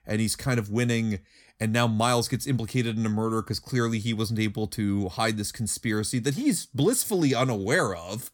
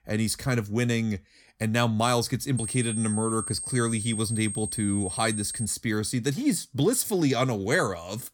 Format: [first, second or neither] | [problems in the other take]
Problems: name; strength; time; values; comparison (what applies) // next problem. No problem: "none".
first | high-pitched whine; loud; from 2.5 to 5.5 s; 8.5 kHz, 5 dB below the speech